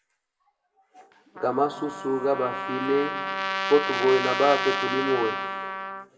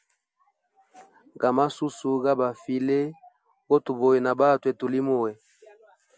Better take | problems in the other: second | background sound (Trumpet); 4 dB below the speech // room echo; dies away in 1.4 s

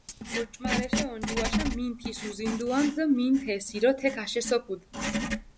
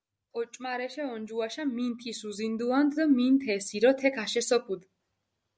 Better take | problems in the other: second | background sound (Writing); 4 dB below the speech

